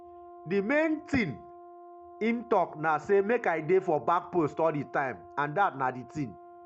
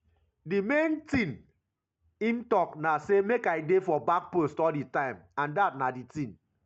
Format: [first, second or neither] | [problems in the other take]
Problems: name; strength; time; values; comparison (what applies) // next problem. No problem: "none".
second | background sound (Brass instrument); 19 dB below the speech